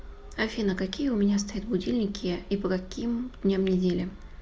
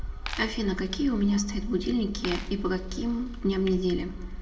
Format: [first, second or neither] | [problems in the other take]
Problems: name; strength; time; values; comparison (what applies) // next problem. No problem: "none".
first | background sound (Coin (dropping)); 16 dB below the speech // room echo; dies away in 1.1 s